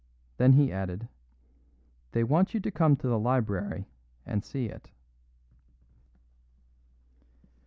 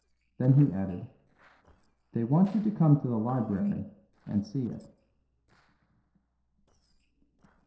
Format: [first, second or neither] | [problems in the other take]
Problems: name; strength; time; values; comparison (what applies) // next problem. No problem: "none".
first | noise reduction (neural separator model SepFormer DNS4)